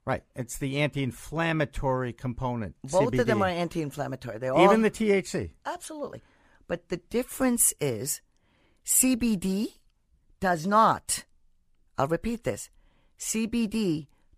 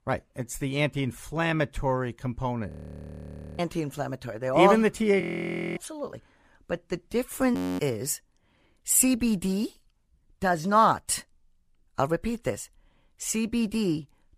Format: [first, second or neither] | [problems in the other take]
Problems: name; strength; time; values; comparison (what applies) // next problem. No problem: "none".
first | audio freezing; at 2.5 s for 1 s, at 5 s for 0.5 s and at 7.5 s